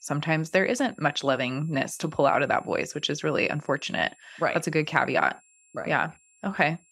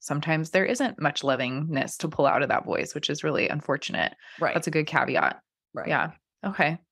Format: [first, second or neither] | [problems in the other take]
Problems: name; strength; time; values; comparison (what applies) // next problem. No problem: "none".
second | high-pitched whine; faint; throughout; 7.5 kHz, 30 dB below the speech